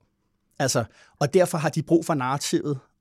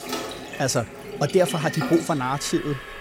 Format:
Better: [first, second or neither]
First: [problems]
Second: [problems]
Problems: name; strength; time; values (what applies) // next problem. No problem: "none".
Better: first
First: none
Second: household noises; loud; throughout; 9 dB below the speech